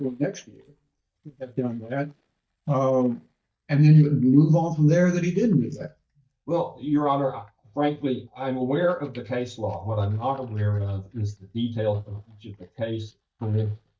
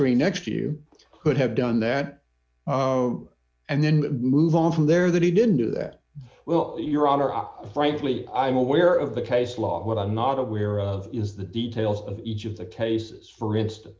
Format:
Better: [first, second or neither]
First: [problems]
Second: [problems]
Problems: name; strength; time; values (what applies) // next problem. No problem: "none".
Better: second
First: noise reduction (neural mask model DeepFilterNet 3)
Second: none